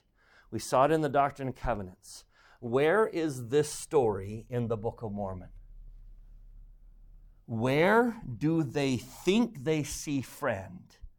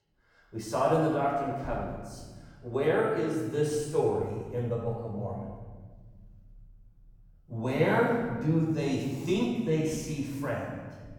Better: first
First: none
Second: off-mic speech; far // room echo; noticeable; dies away in 1.5 s

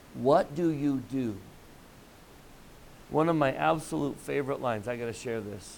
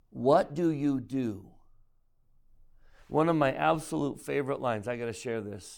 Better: second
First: hiss; faint; throughout; 25 dB below the speech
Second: none

